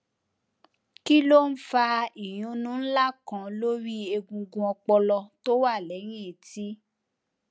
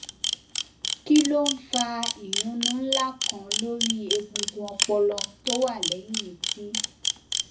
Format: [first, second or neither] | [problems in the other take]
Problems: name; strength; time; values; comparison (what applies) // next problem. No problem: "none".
first | background sound (Camera); 2 dB below the speech // room echo; dies away in 0.4 s